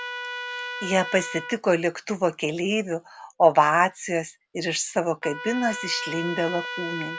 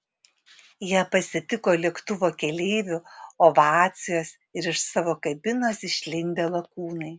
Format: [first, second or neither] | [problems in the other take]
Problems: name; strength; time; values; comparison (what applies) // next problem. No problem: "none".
second | background sound (Trumpet); 11 dB below the speech